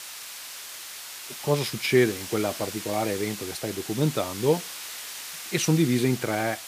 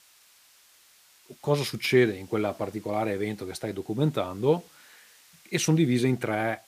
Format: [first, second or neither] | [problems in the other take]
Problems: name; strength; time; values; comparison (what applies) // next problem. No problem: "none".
second | hiss; loud; throughout; 9 dB below the speech; faint in the second